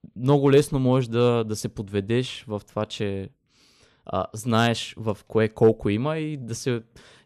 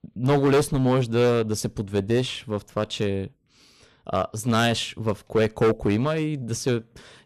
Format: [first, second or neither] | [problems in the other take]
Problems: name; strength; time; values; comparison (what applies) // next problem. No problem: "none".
first | distortion; heavy; 7% of the sound clipped